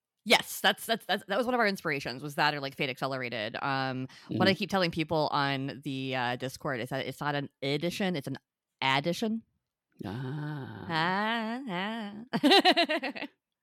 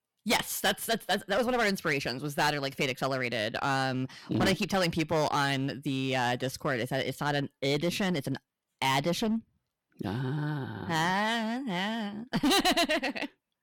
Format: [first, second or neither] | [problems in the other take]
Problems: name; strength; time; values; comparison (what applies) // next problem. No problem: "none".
first | distortion; heavy; 9% of the sound clipped